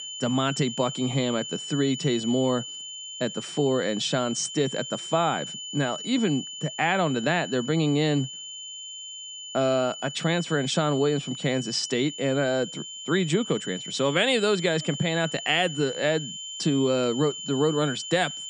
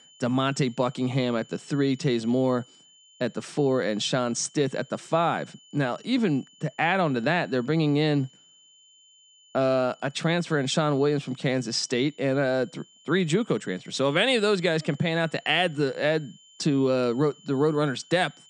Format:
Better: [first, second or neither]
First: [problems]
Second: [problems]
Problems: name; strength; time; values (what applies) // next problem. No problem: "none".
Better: second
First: high-pitched whine; loud; throughout; 3 kHz, 9 dB below the speech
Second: high-pitched whine; faint; throughout; 3 kHz, 25 dB below the speech